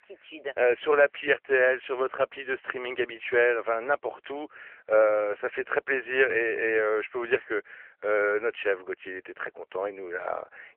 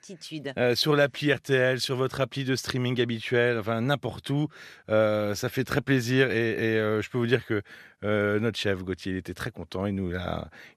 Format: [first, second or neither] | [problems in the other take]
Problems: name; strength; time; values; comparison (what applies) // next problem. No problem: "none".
second | phone-call audio; nothing above 3 kHz